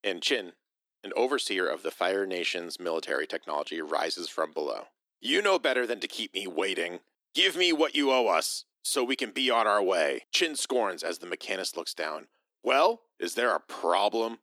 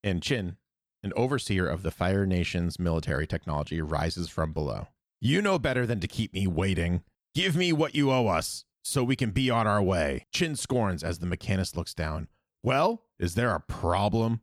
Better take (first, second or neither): second